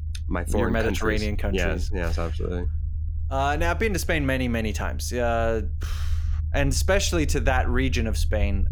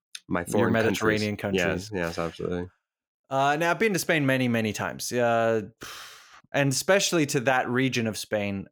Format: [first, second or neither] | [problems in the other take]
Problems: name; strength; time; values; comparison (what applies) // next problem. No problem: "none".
second | low rumble; faint; throughout; 20 dB below the speech